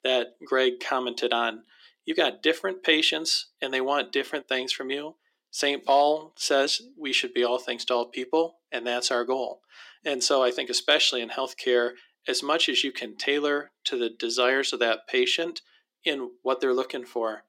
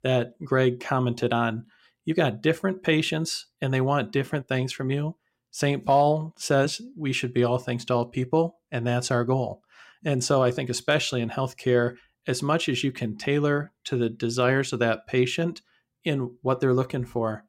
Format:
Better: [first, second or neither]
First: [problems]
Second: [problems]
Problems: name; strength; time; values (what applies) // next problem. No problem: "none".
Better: second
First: thin; somewhat; fading below 300 Hz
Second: none